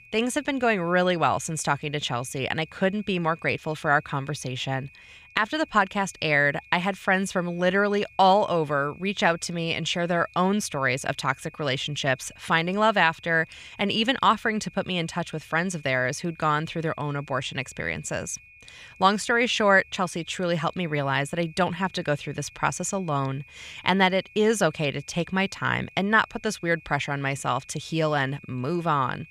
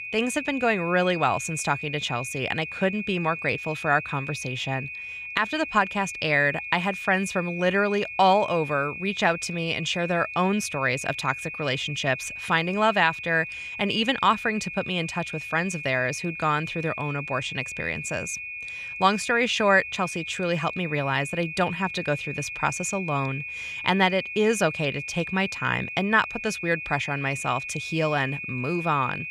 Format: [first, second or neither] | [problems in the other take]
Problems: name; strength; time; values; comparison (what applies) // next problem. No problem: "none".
first | high-pitched whine; loud; throughout; 2.5 kHz, 8 dB below the speech; faint in the first